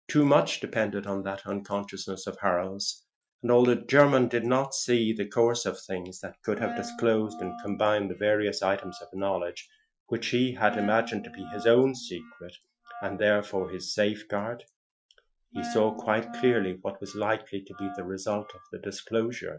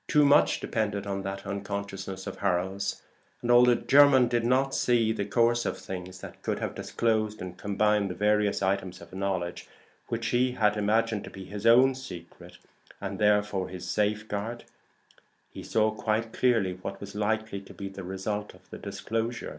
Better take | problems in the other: second | noise reduction (classical method Wiener filter)

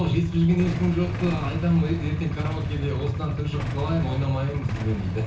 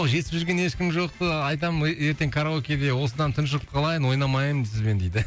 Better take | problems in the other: second | background sound (Idling / Engine starting / Motorcycle / Accelerating, revving, vroom); 4 dB below the speech // room echo; dies away in 0.7 s

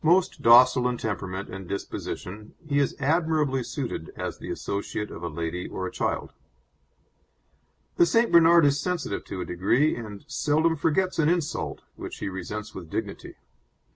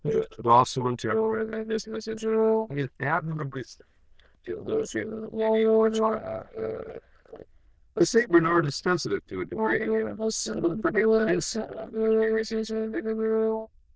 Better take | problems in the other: first | noise reduction (neural diffusion model UNIVERSE++)

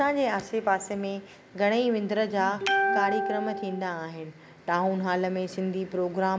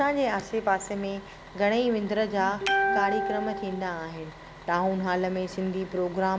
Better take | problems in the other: first | background sound (Bus); 20 dB below the speech

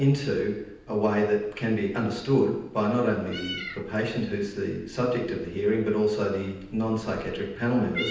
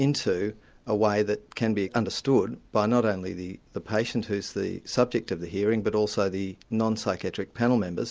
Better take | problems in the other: second | background sound (Meow); 17 dB below the speech // room echo; dies away in 0.9 s

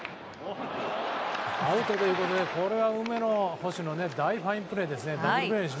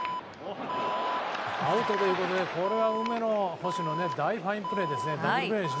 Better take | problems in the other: first | background sound (Alarm); 6 dB below the speech

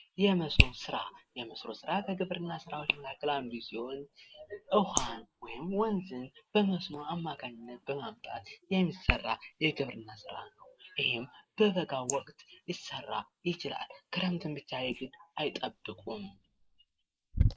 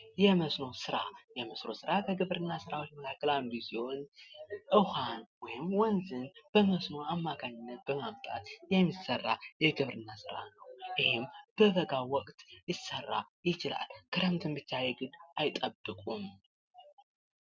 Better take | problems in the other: second | noise reduction (neural mask model Resemble Enhance denoiser)

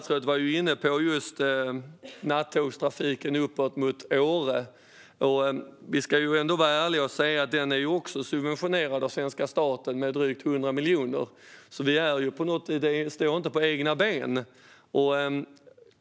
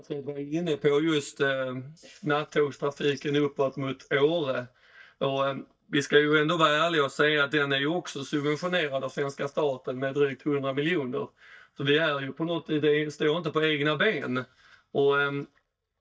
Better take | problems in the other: first | noise reduction (neural mask model DeepFilterNet 3)

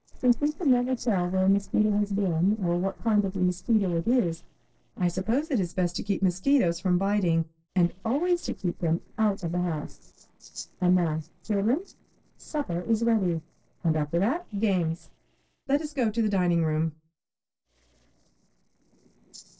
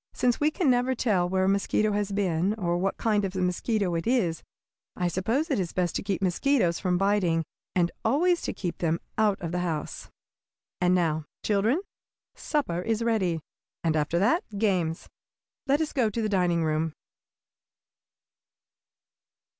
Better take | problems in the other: second | noise reduction (neural separator model SepFormer DNS4)

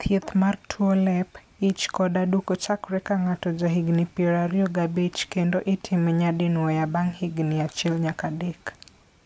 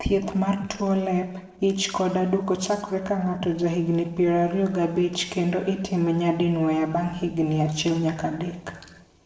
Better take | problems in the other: first | noise reduction (neural separator model SepFormer DNS4)

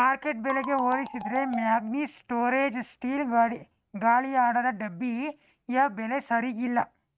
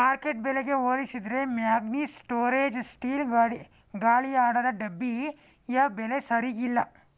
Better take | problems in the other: second | noise reduction (neural mask model RNNoise)

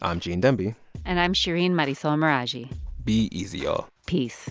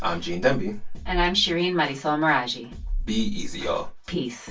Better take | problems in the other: first | room echo; dies away in 0.2 s

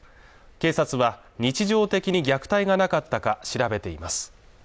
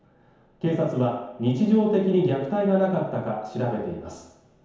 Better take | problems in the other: first | room echo; dies away in 1 s

